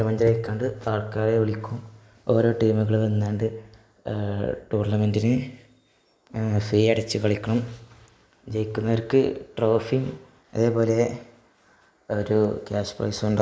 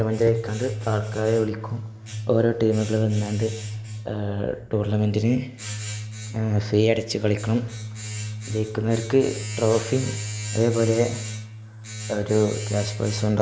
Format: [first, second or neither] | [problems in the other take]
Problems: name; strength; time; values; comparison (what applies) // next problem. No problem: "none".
first | background sound (Domestic sounds, home sounds); 8 dB below the speech